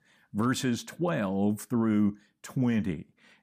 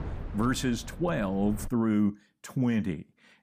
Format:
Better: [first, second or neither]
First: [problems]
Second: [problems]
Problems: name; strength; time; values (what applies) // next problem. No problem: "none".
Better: first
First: none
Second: wind noise on the microphone; occasional gusts; until 1.5 s; 15 dB below the speech